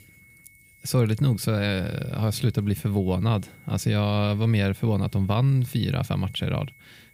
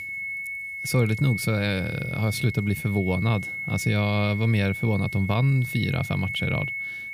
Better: first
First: high-pitched whine; faint; throughout; 2 kHz, 30 dB below the speech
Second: high-pitched whine; loud; throughout; 2 kHz, 6 dB below the speech

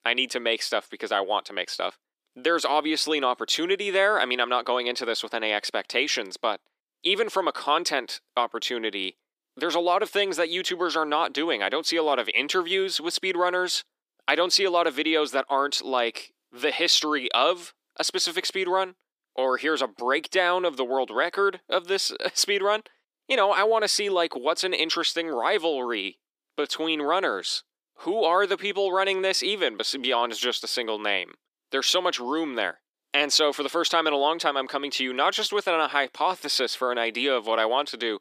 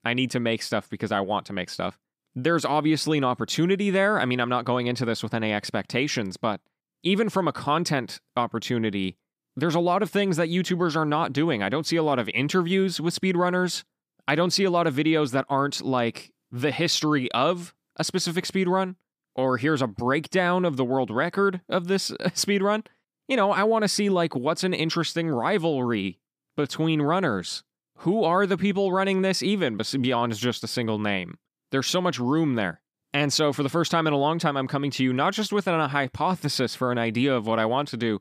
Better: second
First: thin; somewhat; fading below 350 Hz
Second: none

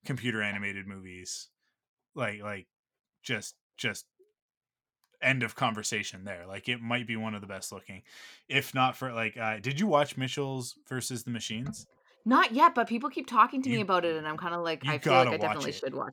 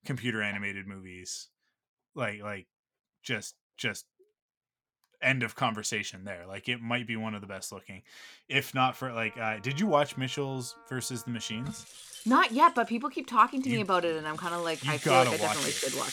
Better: first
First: none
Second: background music; very faint; from 9 s on; 7 dB below the speech

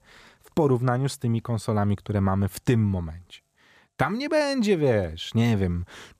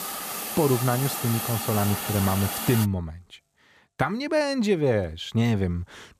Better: first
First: none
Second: hiss; loud; until 3 s; 4 dB below the speech

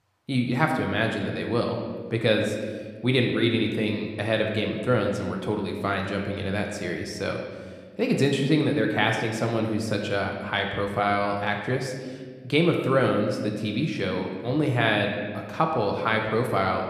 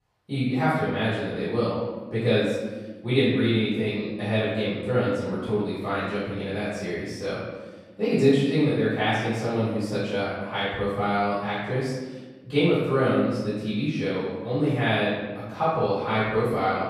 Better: first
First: room echo; slight; dies away in 1.4 s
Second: room echo; strong; dies away in 1.3 s // off-mic speech; far

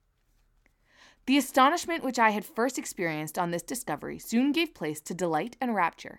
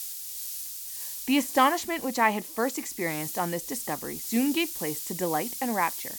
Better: first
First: none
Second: hiss; loud; throughout; 6 dB below the speech

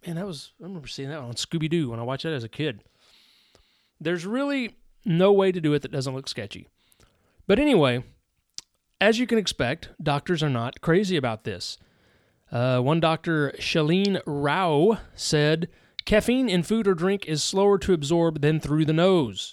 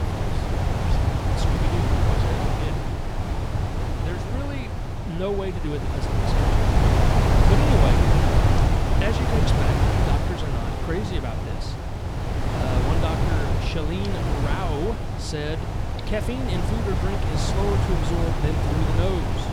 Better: first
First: none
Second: wind noise on the microphone; heavy; 4 dB above the speech

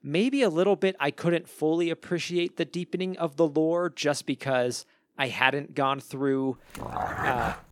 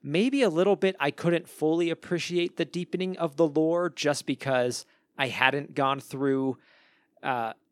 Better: second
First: dog barking; noticeable; at 7 s; peak 3 dB below the speech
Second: none

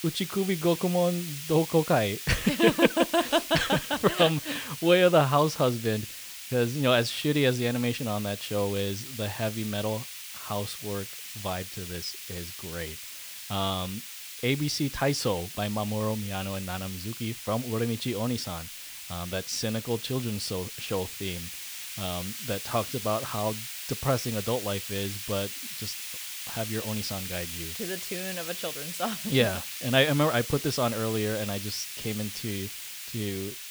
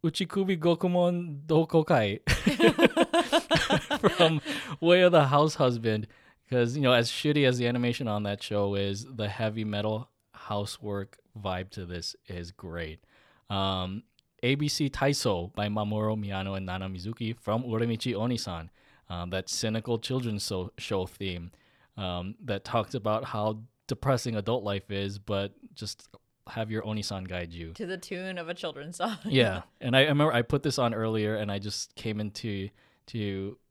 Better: second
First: hiss; loud; throughout; 8 dB below the speech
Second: none

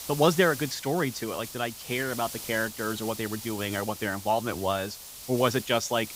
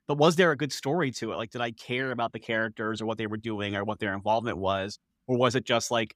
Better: second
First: hiss; noticeable; throughout; 10 dB below the speech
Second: none

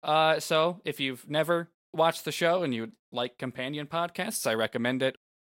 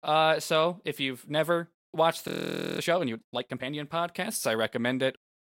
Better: first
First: none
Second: audio freezing; at 2.5 s for 0.5 s

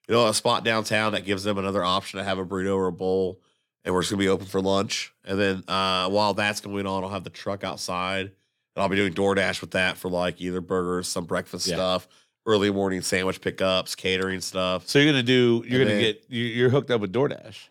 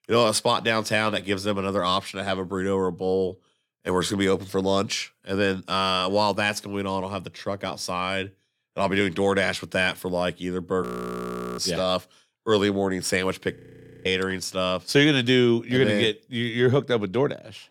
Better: first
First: none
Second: audio freezing; at 11 s for 1 s and at 14 s for 0.5 s

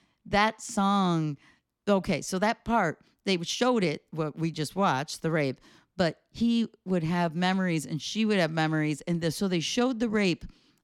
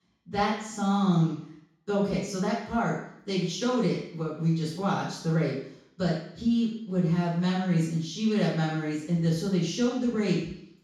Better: first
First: none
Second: room echo; noticeable; dies away in 0.6 s // off-mic speech; far

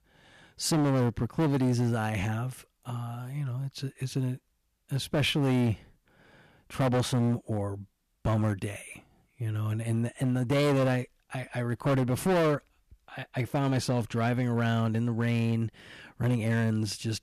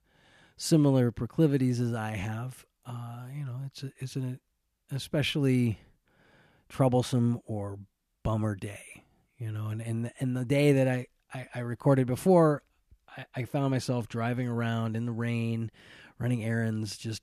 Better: second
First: distortion; heavy; 10% of the sound clipped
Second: none

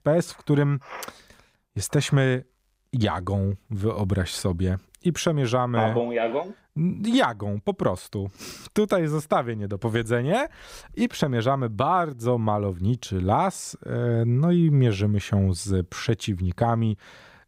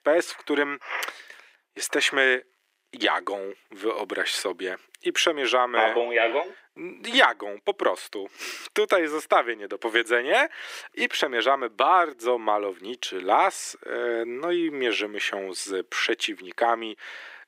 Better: first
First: none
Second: thin; very; fading below 300 Hz

